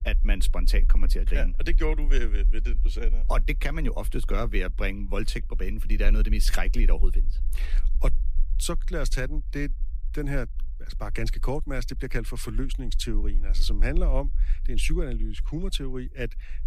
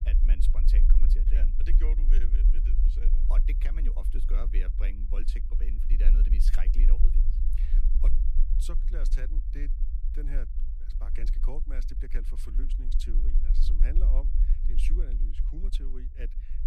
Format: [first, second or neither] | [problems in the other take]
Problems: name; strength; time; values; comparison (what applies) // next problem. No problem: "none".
first | low rumble; loud; throughout; 5 dB below the speech; faint in the first